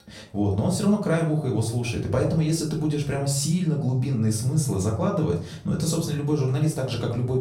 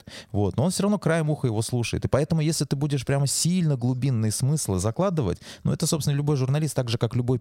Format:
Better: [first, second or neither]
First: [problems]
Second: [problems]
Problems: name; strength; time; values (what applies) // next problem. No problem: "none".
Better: second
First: off-mic speech; far // room echo; slight; dies away in 0.4 s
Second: none